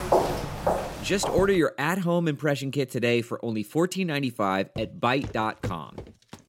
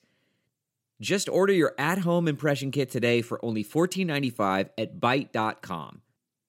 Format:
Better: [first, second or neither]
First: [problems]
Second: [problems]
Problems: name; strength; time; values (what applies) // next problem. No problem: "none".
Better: second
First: footsteps; loud; until 1.5 s; peak 2 dB above the speech // footsteps; faint; from 5 s on; peak 10 dB below the speech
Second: none